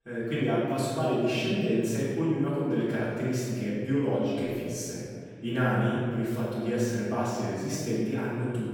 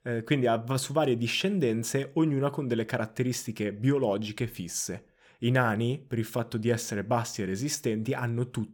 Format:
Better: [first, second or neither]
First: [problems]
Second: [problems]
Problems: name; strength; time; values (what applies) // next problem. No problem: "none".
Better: second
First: off-mic speech; far // room echo; strong; dies away in 2 s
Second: none